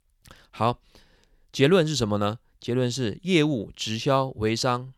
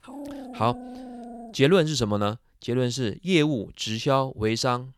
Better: first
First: none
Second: dog barking; faint; until 1.5 s; peak 15 dB below the speech

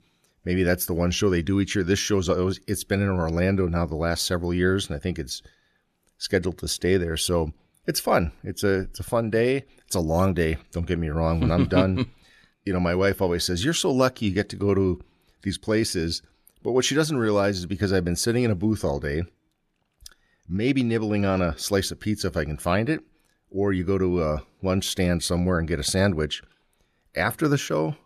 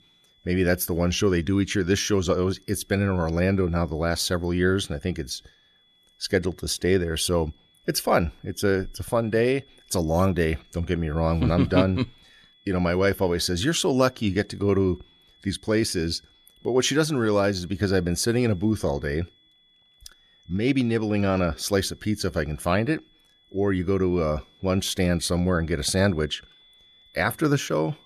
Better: first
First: none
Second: high-pitched whine; faint; throughout; 3.5 kHz, 30 dB below the speech

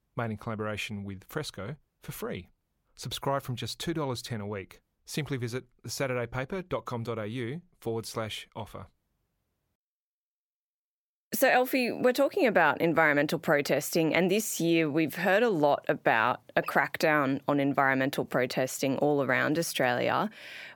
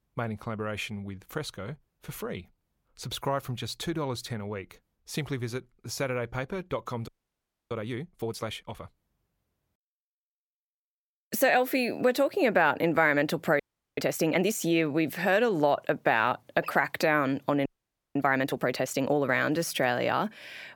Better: first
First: none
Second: audio freezing; at 7 s for 0.5 s, at 14 s and at 18 s

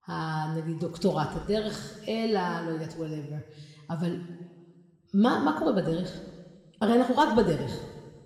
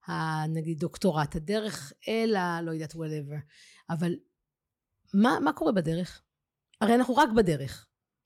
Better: second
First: room echo; slight; dies away in 1.6 s // off-mic speech; somewhat distant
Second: none

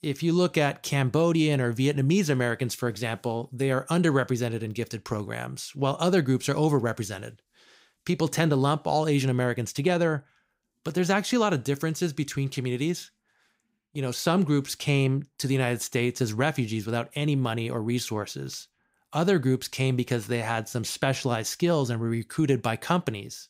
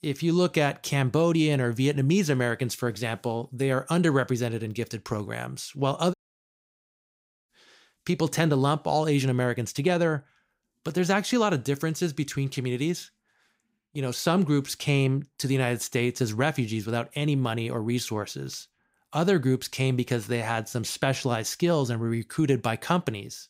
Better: first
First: none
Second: audio cutting out; at 6 s for 1.5 s

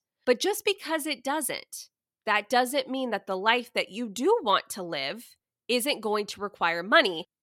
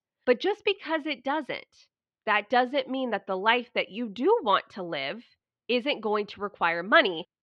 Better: first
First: none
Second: muffled; slightly; fading above 3.5 kHz

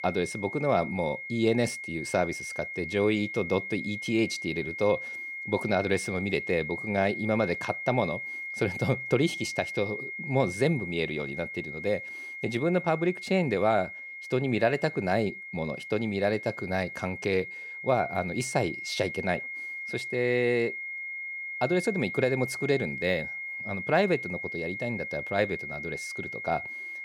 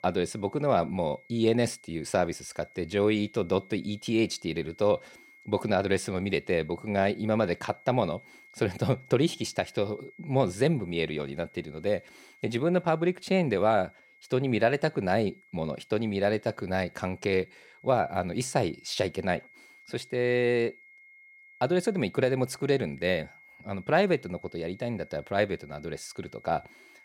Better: second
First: high-pitched whine; loud; throughout; 2 kHz, 6 dB below the speech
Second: high-pitched whine; faint; throughout; 2 kHz, 25 dB below the speech

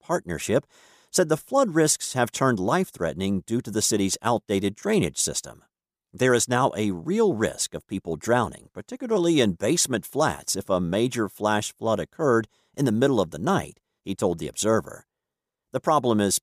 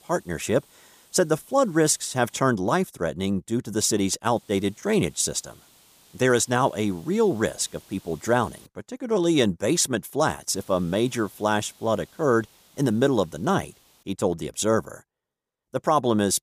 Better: first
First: none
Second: hiss; faint; until 2.5 s, from 4.5 to 8.5 s and from 11 to 14 s; 30 dB below the speech

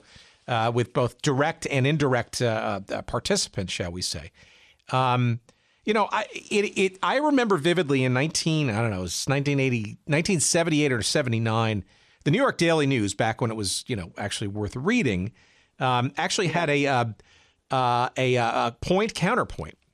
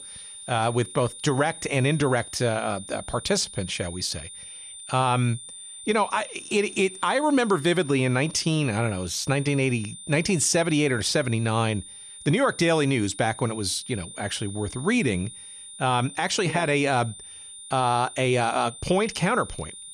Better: first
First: none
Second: high-pitched whine; noticeable; throughout; 9 kHz, 15 dB below the speech

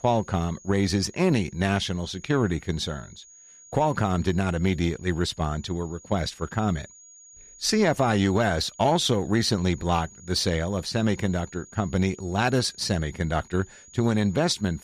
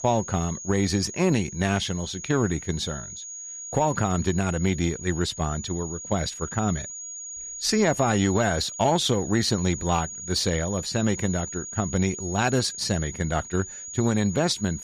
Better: first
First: high-pitched whine; faint; throughout; 7 kHz, 25 dB below the speech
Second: high-pitched whine; loud; throughout; 7 kHz, 9 dB below the speech

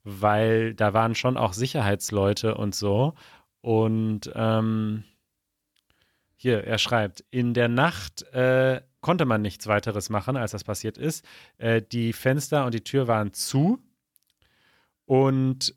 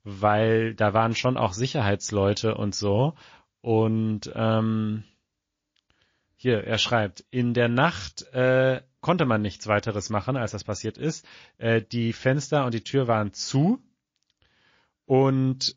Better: first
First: none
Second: garbled, watery; slightly; nothing above 6 kHz

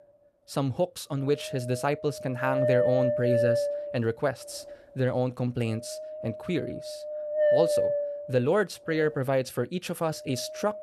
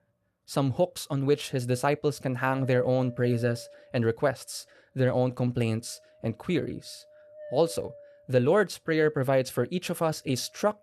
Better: second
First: wind noise on the microphone; heavy; 2 dB above the speech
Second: wind noise on the microphone; occasional gusts; 20 dB below the speech

